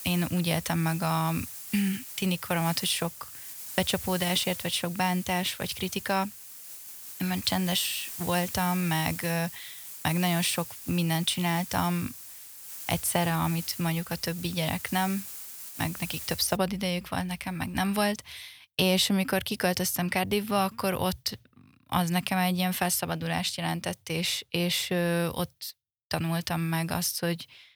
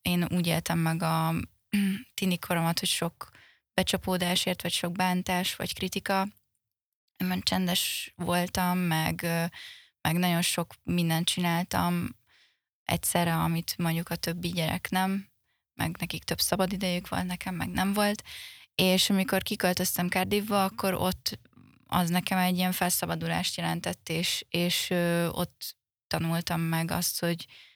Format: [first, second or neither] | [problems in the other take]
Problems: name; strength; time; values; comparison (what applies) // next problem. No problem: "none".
second | hiss; loud; until 17 s; 9 dB below the speech